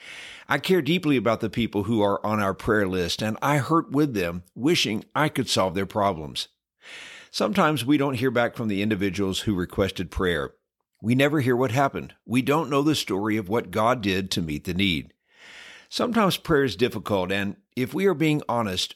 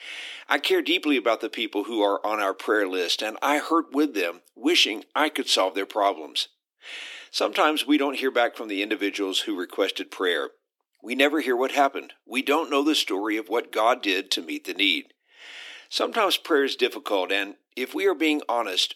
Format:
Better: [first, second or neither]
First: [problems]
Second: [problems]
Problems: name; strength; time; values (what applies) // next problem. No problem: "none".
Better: first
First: none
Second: thin; very slightly; fading below 300 Hz